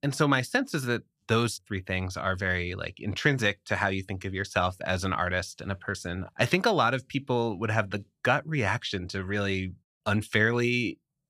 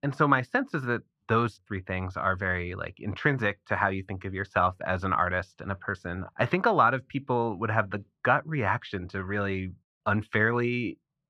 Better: first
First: none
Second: muffled; very; fading above 4 kHz

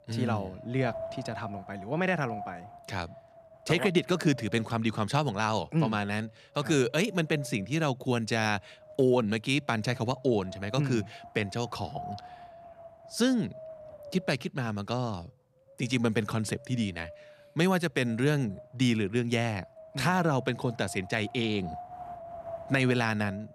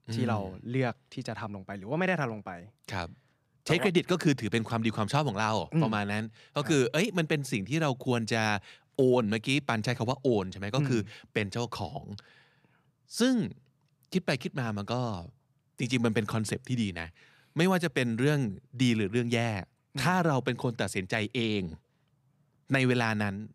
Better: second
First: wind noise on the microphone; occasional gusts; 15 dB below the speech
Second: none

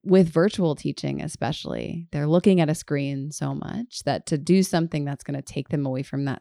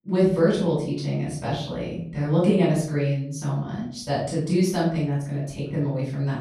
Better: first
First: none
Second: off-mic speech; far // room echo; noticeable; dies away in 0.5 s

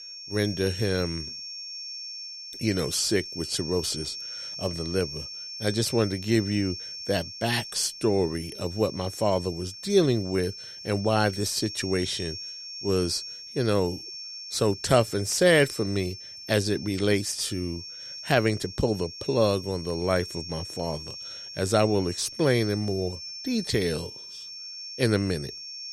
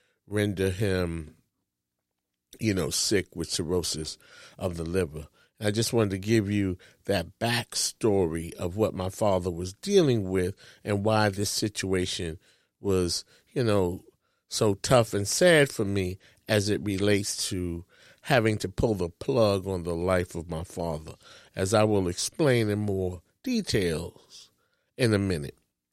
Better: second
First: high-pitched whine; loud; throughout; 5.5 kHz, 10 dB below the speech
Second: none

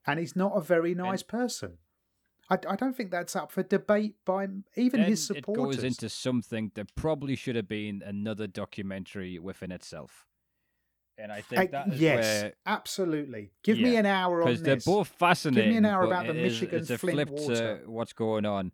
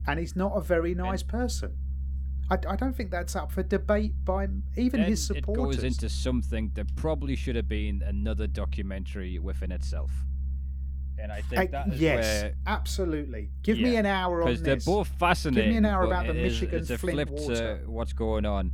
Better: first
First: none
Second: low rumble; faint; throughout; 25 dB below the speech

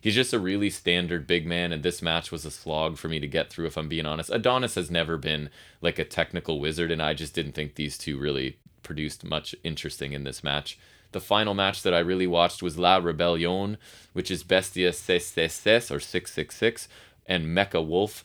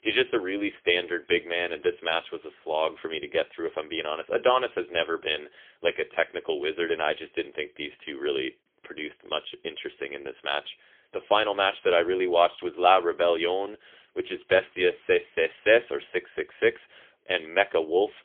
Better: first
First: none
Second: phone-call audio; poor line; nothing above 3.5 kHz

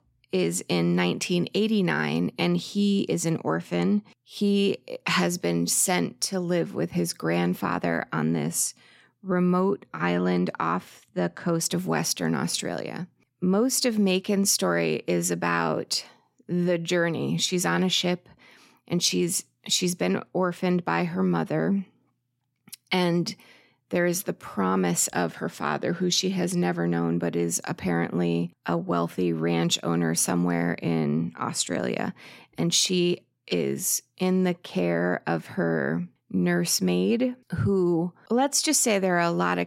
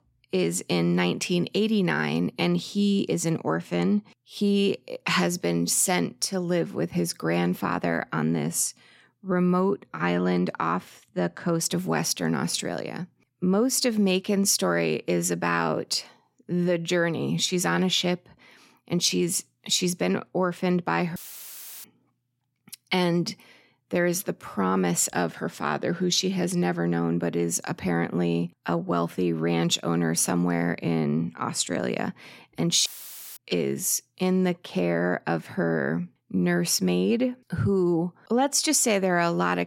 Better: first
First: none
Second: audio cutting out; filled with static; at 21 s for 0.5 s and at 33 s for 0.5 s

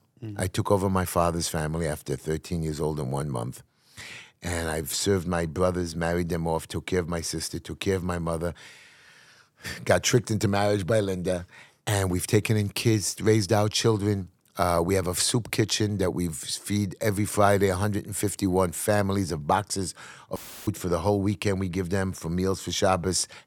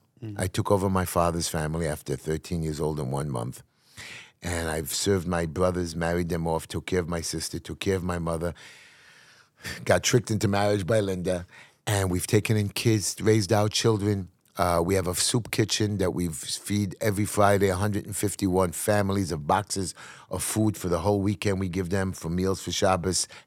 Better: second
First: audio cutting out; filled with static; at 20 s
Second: none

